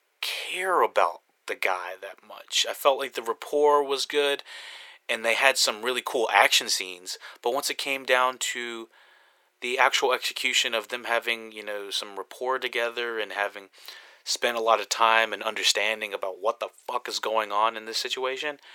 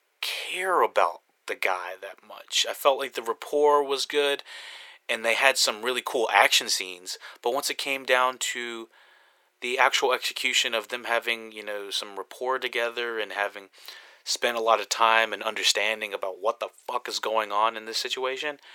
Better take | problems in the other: neither | thin; very; fading below 450 Hz; the same in both

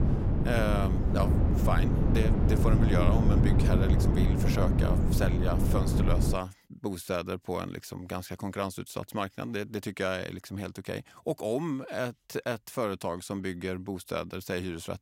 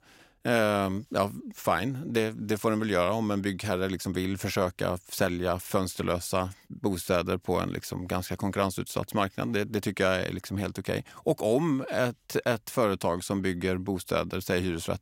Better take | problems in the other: second | wind noise on the microphone; heavy; until 6.5 s; 1 dB below the speech

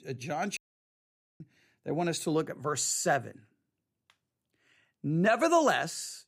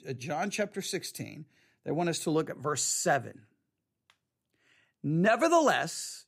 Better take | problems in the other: second | audio cutting out; at 0.5 s for 1 s

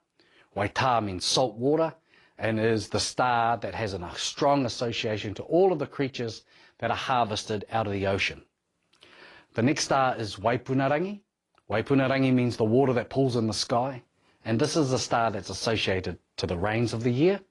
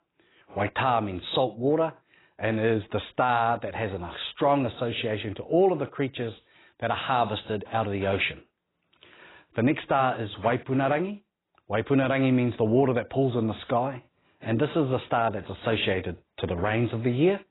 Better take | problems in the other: first | garbled, watery; badly; nothing above 4 kHz; slightly in the first

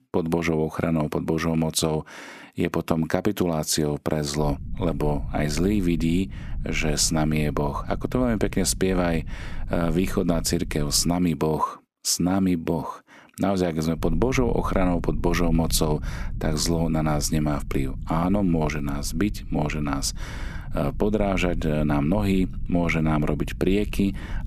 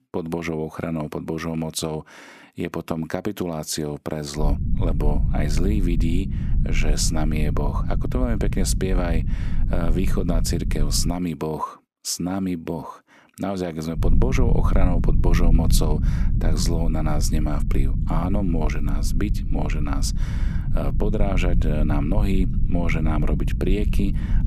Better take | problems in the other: first | low rumble; loud; from 4.5 to 11 s and from 14 s on; 9 dB below the speech; faint in the first

